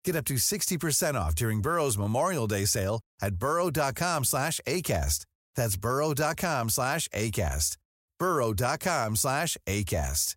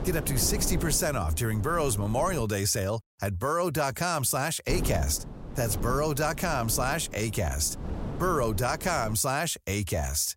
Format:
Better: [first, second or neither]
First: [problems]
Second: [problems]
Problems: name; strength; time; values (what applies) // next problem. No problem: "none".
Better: first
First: none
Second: wind noise on the microphone; occasional gusts; until 2.5 s and from 4.5 to 9 s; 15 dB below the speech